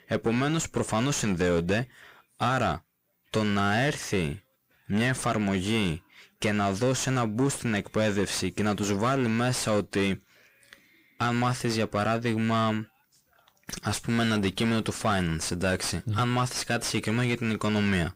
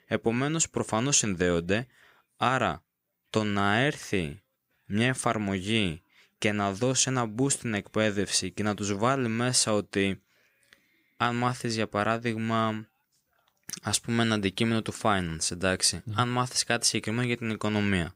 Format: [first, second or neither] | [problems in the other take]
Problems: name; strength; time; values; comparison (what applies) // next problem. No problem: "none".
second | distortion; heavy; 6 dB below the speech